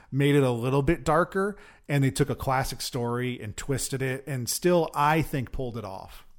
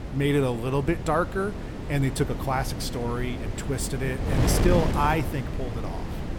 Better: first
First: none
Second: wind noise on the microphone; heavy; 7 dB below the speech

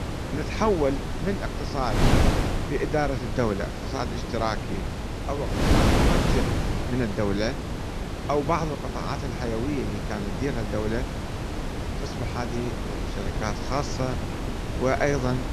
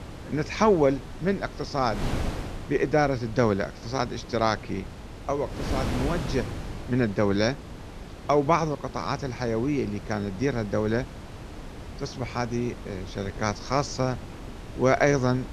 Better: second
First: wind noise on the microphone; heavy; 2 dB below the speech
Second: wind noise on the microphone; occasional gusts; 15 dB below the speech

